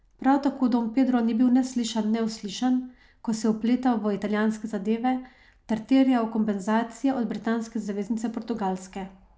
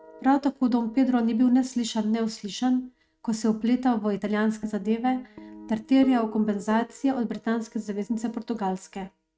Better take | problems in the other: first | noise reduction (neural mask model RNNoise)

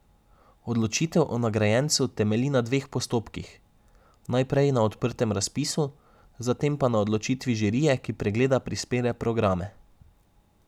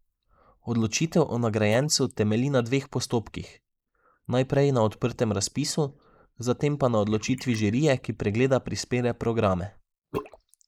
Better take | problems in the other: first | noise reduction (neural mask model Resemble Enhance denoiser)

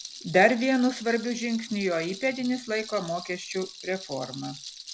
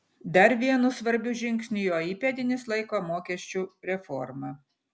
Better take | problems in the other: second | background sound (Rattle); 15 dB below the speech

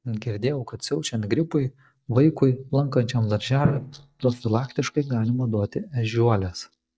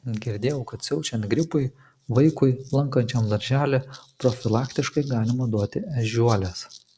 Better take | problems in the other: second | noise reduction (neural mask model DeepFilterNet 3)

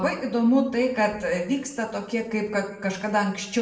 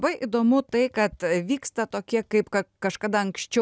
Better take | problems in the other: second | room echo; dies away in 0.7 s

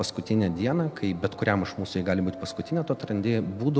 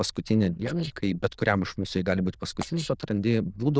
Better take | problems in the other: first | noise reduction (neural diffusion model UNIVERSE++)

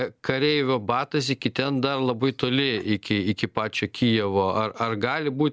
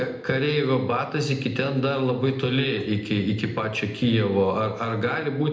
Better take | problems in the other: first | room echo; dies away in 0.7 s

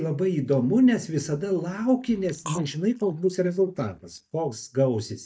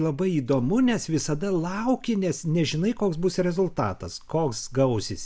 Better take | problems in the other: second | noise reduction (neural mask model DeepFilterNet 3)

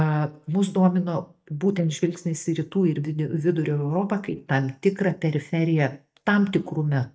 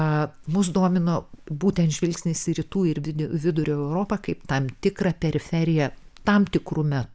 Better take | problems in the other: second | noise reduction (neural mask model DeepFilterNet 3)

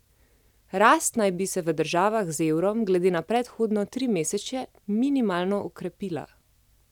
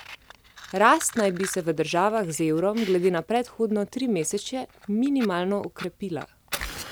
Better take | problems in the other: first | background sound (Fire); 16 dB below the speech

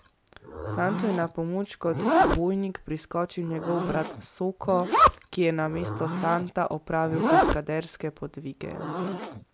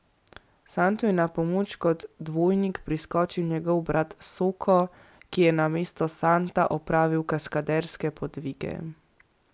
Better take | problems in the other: second | background sound (Zipper (clothing)); 1 dB above the speech

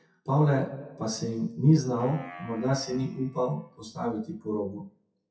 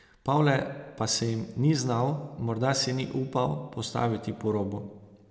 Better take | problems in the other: second | noise reduction (classical method WPE with log-MMSE)

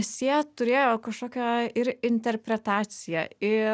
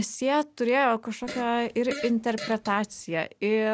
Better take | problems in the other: first | background sound (Fart); 13 dB below the speech

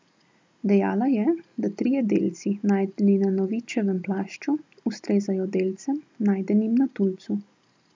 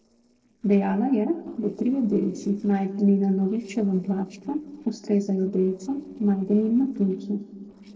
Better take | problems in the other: first | noise reduction (neural separator model SepFormer DNS4)

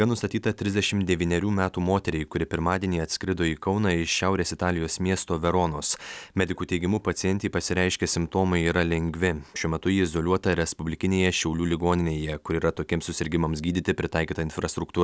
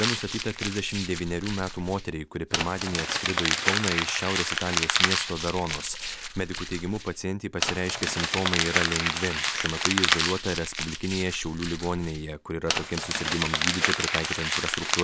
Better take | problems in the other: first | background sound (Crumpling, crinkling); 1 dB above the speech

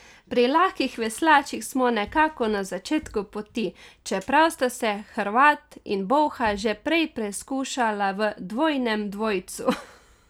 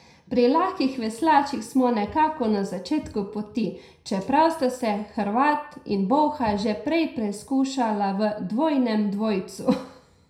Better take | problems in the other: first | room echo; dies away in 0.4 s

